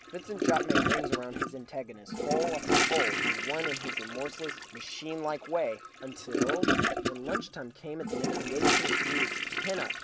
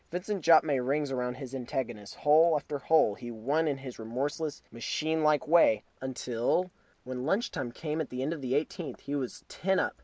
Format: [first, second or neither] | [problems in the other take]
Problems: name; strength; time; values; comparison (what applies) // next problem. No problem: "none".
second | background sound (Toilet flush / Gurgling); 4 dB above the speech